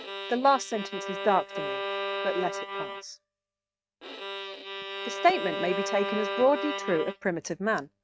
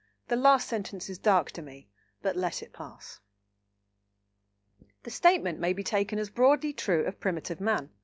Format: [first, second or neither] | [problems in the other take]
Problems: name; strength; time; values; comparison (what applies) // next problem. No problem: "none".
second | noise reduction (neural mask model RNNoise)